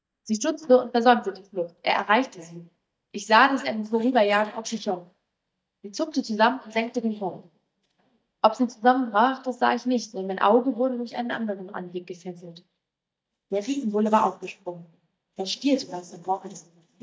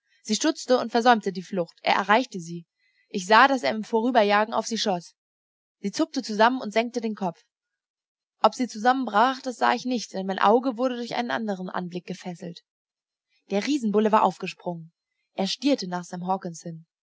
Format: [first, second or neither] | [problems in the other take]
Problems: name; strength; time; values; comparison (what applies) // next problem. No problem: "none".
second | noise reduction (neural mask model DeepFilterNet 3)